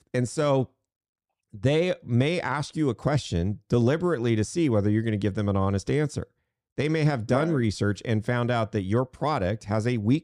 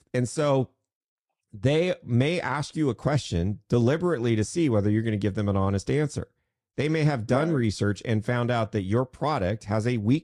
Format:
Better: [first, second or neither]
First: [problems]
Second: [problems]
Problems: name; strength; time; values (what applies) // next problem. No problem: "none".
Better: first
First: none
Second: garbled, watery; slightly